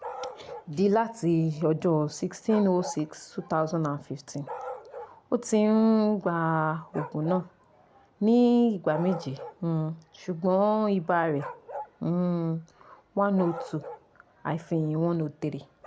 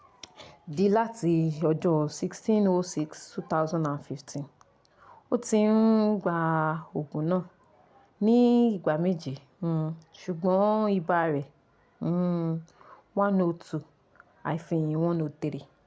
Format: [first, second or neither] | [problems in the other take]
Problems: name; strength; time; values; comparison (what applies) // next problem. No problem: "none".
second | background sound (Bark); 17 dB below the speech